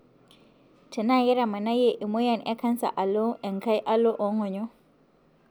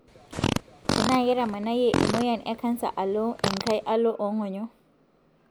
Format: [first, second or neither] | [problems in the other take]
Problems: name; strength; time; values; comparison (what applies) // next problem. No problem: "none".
first | background sound (Fart); 3 dB below the speech